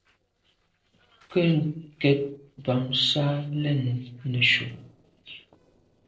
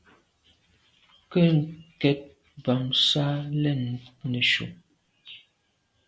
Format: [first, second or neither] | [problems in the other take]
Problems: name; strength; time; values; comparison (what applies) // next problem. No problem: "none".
second | noise reduction (neural separator model SepFormer DNS4)